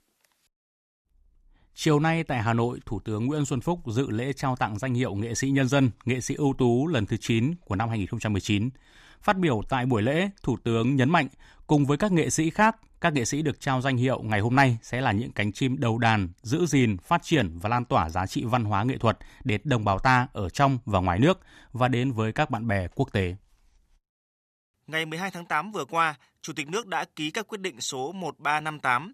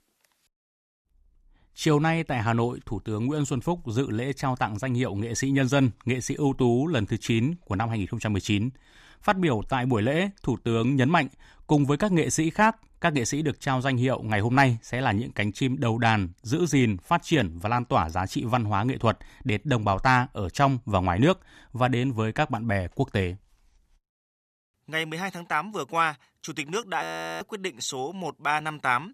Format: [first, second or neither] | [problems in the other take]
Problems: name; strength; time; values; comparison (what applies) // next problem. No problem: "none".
first | audio freezing; at 27 s